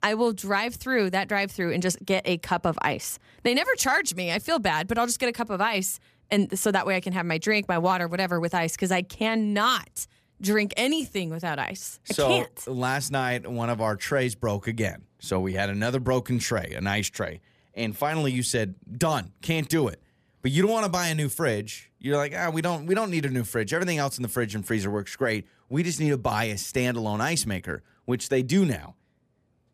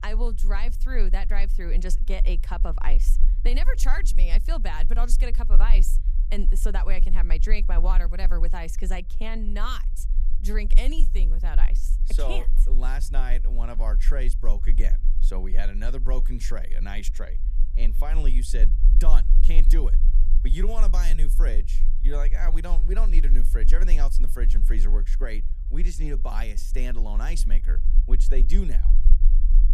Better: first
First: none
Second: low rumble; noticeable; throughout; 15 dB below the speech

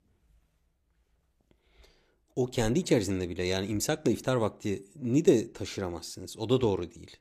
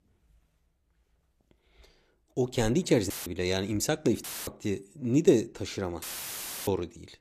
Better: first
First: none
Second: audio cutting out; filled with static; at 3 s, at 4 s and at 6 s for 0.5 s

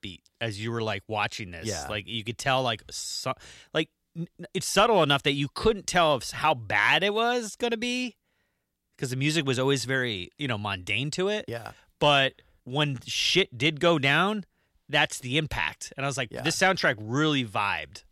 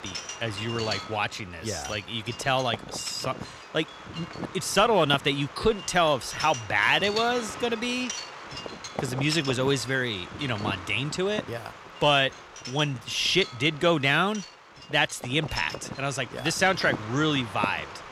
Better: first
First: none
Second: wind noise on the microphone; occasional gusts; 10 dB below the speech

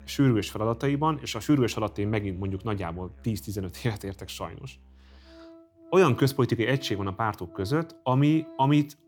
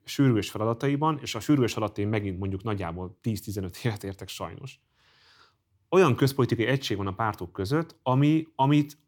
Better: second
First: background music; faint; throughout; 25 dB below the speech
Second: none

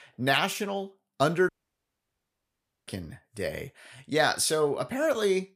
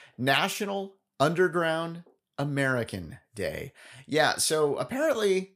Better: second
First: audio cutting out; at 1.5 s for 1.5 s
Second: none

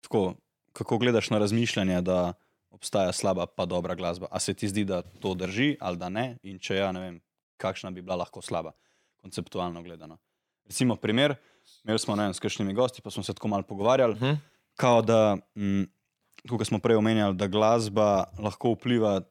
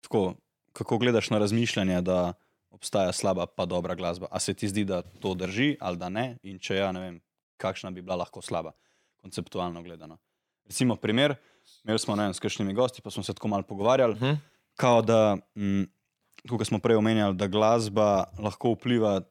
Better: neither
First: none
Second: none

